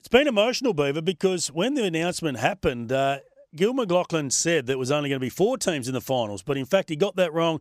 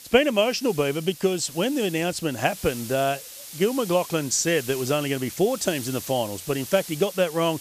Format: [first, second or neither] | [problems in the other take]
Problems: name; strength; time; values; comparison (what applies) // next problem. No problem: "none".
first | hiss; noticeable; throughout; 15 dB below the speech